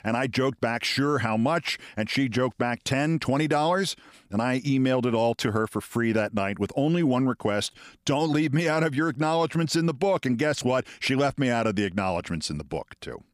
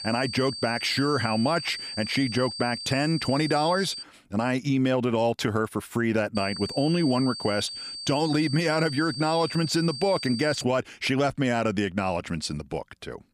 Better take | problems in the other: first | high-pitched whine; loud; until 4 s and from 6.5 to 11 s; 4.5 kHz, 8 dB below the speech

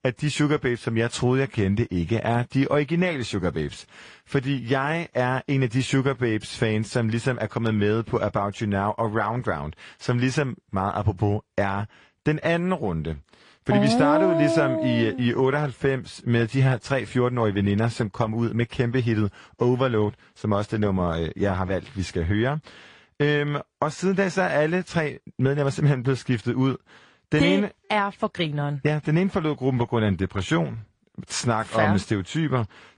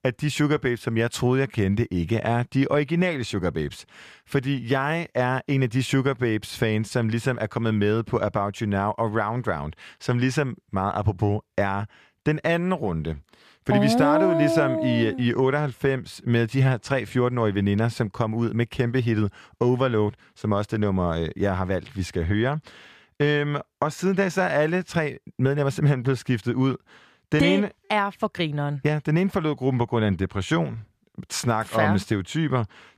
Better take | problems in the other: second | garbled, watery; slightly; nothing above 8.5 kHz

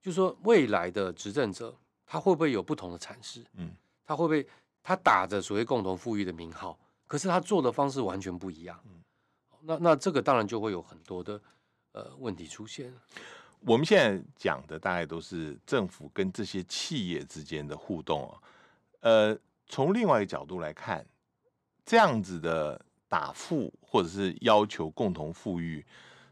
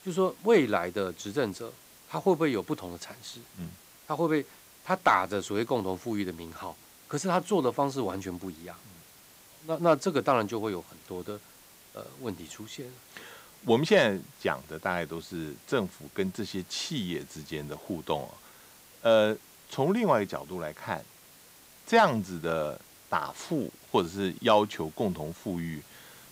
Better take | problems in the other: first | hiss; faint; throughout; 25 dB below the speech

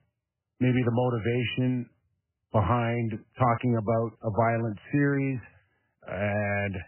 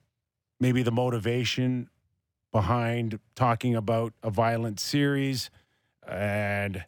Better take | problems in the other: second | garbled, watery; badly; nothing above 3 kHz

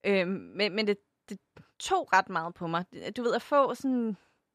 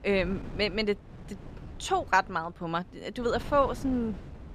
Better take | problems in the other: first | wind noise on the microphone; occasional gusts; 20 dB below the speech

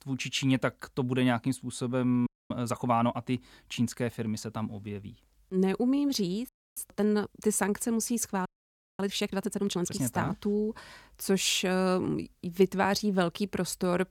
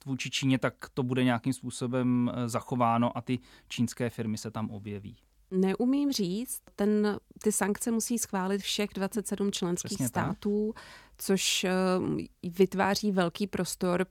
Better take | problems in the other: second | audio freezing; at 2.5 s, at 6.5 s and at 8.5 s for 0.5 s

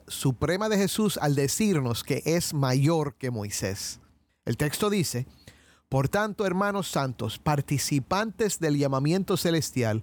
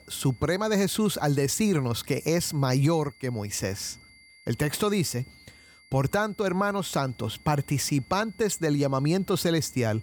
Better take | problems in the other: first | high-pitched whine; faint; throughout; 2 kHz, 25 dB below the speech

